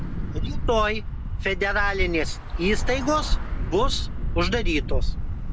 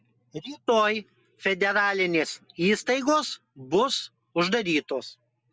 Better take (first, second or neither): second